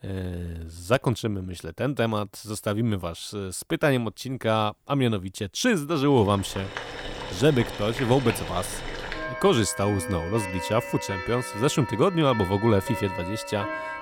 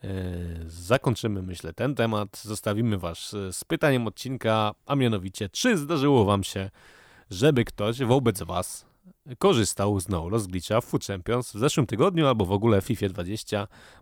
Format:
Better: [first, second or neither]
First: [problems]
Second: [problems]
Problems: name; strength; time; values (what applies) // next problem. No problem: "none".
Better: second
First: household noises; loud; from 6.5 s on; 9 dB below the speech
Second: none